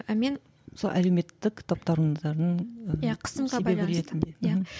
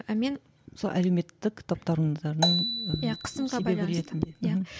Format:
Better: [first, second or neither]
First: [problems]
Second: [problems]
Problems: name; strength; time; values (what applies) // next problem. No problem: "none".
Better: first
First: none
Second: background sound (Marimba, xylophone); 4 dB below the speech